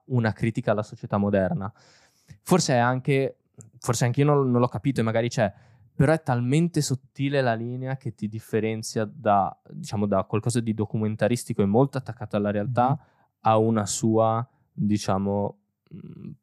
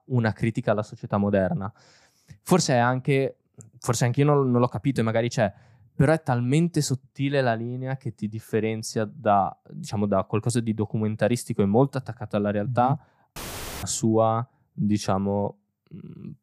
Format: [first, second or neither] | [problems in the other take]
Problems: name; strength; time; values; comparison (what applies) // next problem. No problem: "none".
first | audio cutting out; filled with static; at 13 s